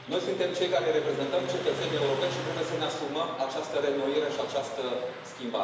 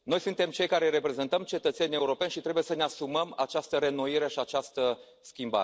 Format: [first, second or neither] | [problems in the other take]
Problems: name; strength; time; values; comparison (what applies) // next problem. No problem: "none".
second | background sound (Car passing by); 10 dB below the speech // room echo; dies away in 1 s